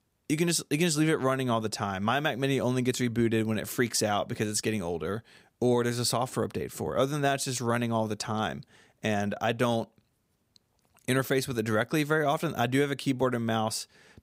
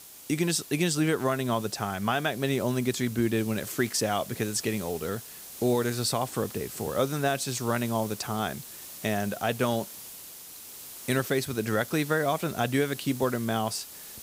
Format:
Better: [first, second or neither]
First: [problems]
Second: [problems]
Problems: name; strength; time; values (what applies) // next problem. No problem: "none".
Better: first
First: none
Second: hiss; noticeable; throughout; 15 dB below the speech